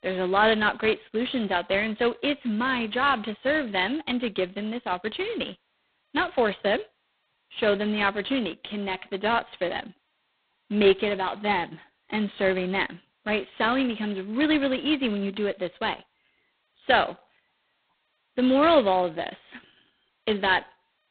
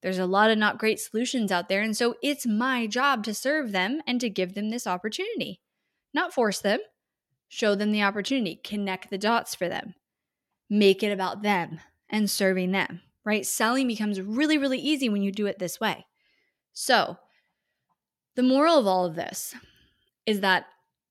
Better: second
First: phone-call audio; poor line; nothing above 4 kHz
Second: none

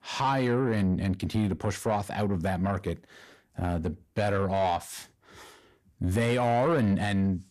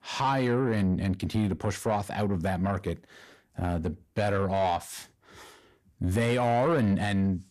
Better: neither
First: distortion; slight; 10 dB below the speech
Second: distortion; slight; 10 dB below the speech

